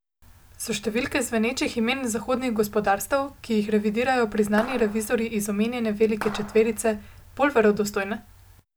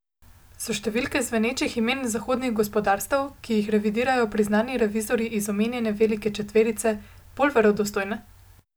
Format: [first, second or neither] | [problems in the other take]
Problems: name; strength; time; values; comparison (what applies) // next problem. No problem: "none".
second | background sound (Clapping); 14 dB below the speech